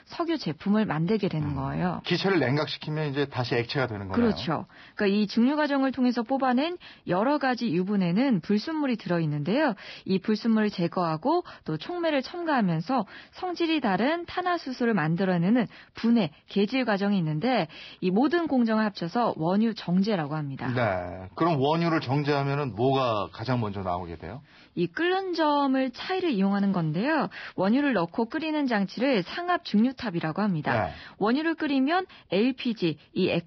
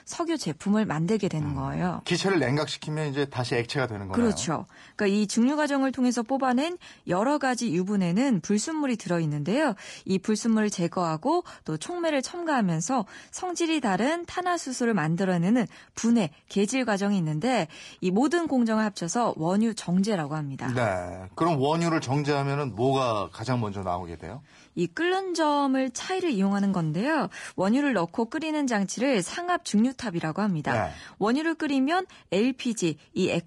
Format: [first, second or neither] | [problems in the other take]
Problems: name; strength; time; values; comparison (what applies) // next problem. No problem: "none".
second | garbled, watery; badly; nothing above 5.5 kHz; slightly in the second